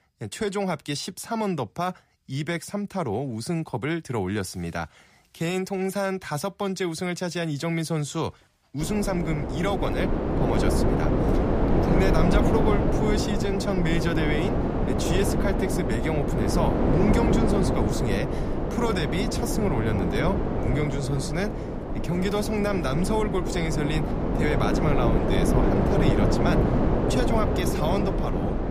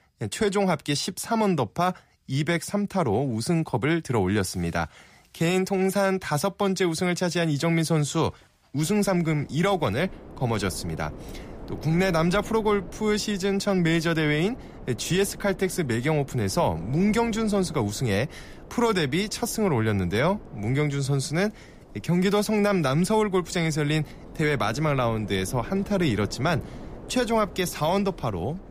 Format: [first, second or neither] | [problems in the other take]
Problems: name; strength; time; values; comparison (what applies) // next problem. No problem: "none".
second | wind noise on the microphone; heavy; from 9 s on; 1 dB above the speech; occasional gusts in the second